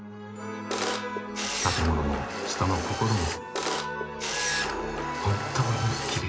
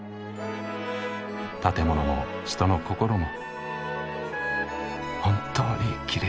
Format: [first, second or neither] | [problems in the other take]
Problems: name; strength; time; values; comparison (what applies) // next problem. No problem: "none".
second | background sound (Camera); 3 dB below the speech // room echo; dies away in 0.8 s